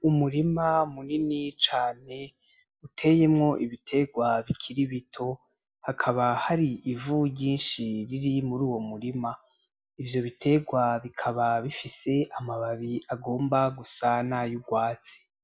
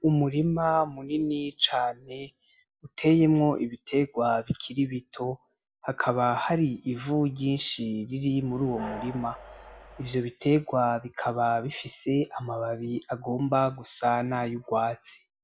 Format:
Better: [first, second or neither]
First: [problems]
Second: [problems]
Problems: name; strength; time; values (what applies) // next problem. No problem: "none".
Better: first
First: none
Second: background sound (Train); 16 dB below the speech